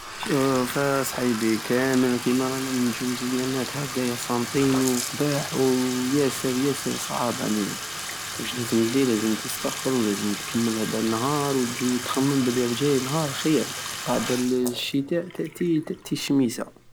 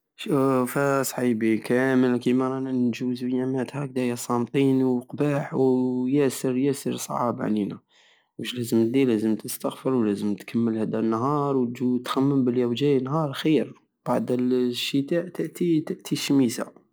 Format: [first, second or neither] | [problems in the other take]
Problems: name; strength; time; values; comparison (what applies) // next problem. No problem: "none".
second | background sound (Bathtub (filling or washing)); 8 dB below the speech